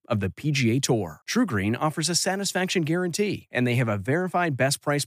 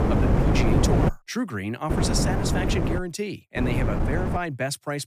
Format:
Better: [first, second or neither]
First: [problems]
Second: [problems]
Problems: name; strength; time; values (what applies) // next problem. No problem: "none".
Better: first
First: none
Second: wind noise on the microphone; heavy; until 1 s, from 2 to 3 s and at 3.5 s; 1 dB above the speech